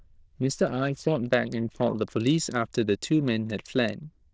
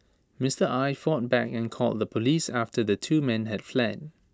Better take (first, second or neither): second